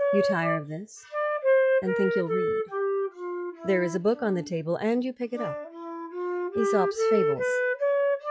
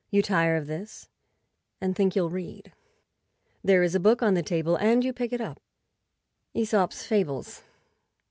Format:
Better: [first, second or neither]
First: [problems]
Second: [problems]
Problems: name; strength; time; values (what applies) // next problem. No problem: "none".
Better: second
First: noise reduction (classical method log-MMSE)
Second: none